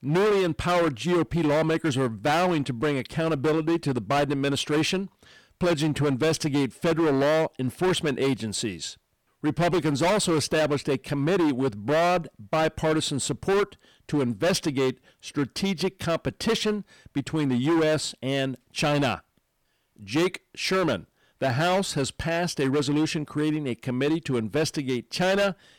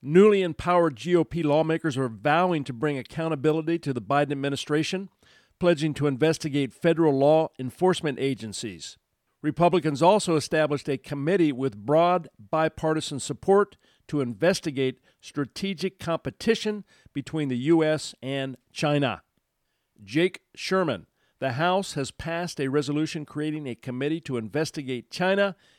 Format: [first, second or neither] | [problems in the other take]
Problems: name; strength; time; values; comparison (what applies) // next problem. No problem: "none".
second | distortion; heavy; 16% of the sound clipped